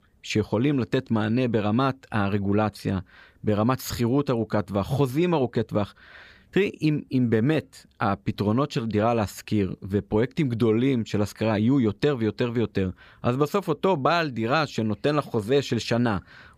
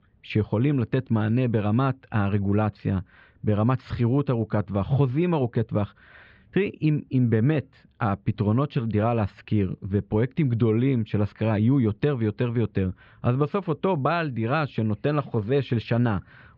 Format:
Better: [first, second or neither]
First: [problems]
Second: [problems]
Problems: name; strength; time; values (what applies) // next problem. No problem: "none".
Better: first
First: none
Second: muffled; slightly; fading above 3.5 kHz